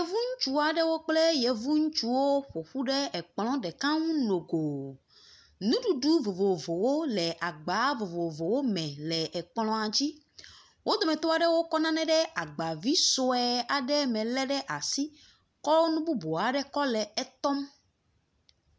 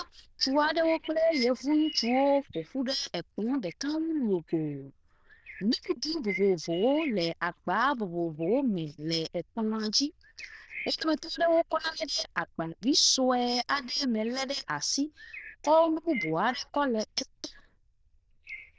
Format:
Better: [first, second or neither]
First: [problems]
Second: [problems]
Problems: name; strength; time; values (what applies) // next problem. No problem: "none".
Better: first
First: none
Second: noise reduction (neural diffusion model UNIVERSE++)